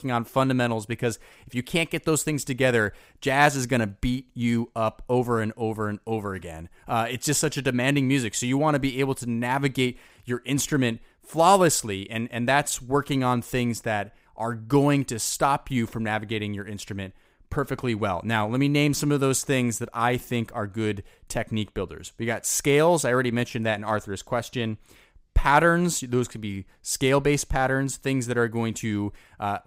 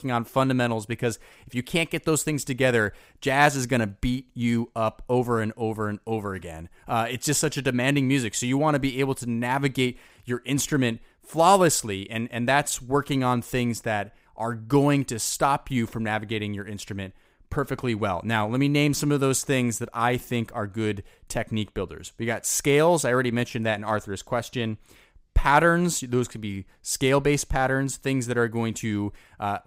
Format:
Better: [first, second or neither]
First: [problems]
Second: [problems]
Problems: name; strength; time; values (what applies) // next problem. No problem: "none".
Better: neither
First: none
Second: none